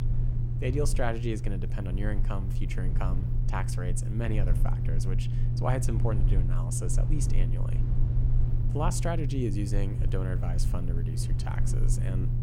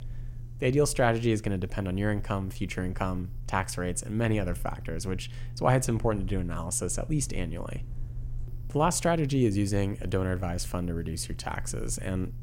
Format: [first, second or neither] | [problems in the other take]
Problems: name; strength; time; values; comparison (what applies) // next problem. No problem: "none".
second | low rumble; loud; throughout; 6 dB below the speech; faint in the second